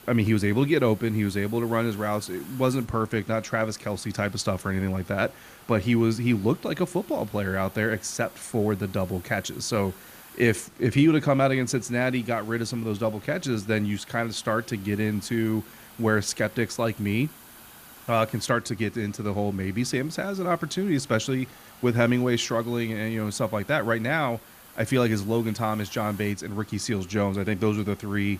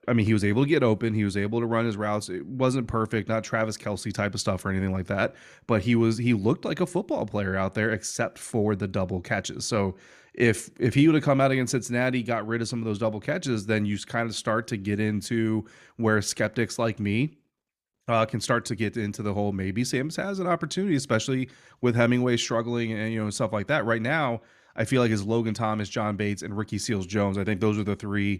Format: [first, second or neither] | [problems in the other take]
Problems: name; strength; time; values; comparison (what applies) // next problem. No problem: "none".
second | hiss; faint; throughout; 20 dB below the speech